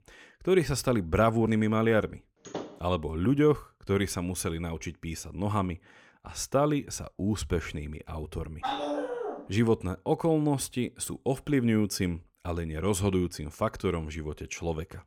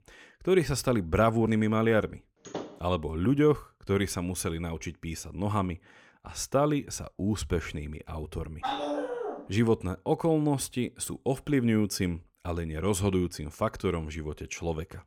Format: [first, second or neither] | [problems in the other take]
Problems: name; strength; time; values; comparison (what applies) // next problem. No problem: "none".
neither | door banging; faint; at 2.5 s; peak 10 dB below the speech; the same in both // dog barking; noticeable; at 8.5 s; peak 2 dB below the speech; the same in both